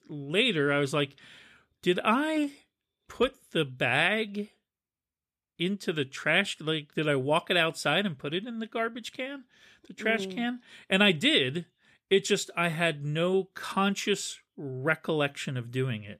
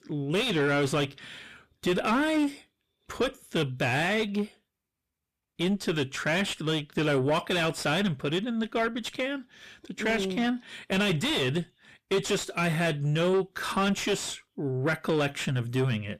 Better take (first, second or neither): first